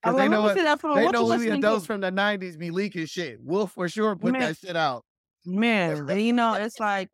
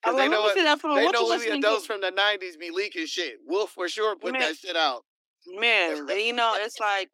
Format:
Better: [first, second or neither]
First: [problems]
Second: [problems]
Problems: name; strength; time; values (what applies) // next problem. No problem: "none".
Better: first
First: none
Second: thin; somewhat; fading below 300 Hz